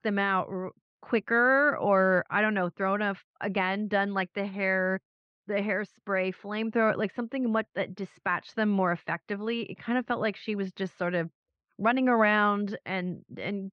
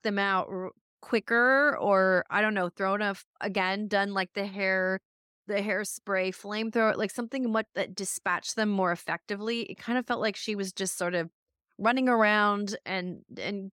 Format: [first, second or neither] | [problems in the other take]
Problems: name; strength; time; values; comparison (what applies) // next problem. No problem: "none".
second | muffled; slightly; fading above 3 kHz